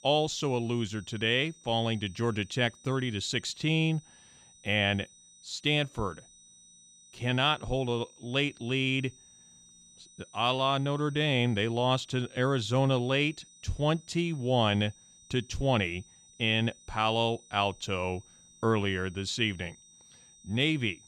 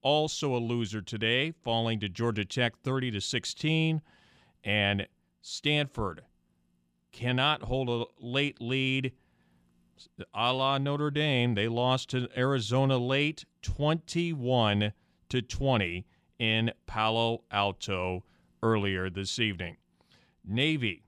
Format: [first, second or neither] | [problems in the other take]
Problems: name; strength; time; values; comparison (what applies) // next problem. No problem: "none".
second | high-pitched whine; faint; throughout; 6 kHz, 25 dB below the speech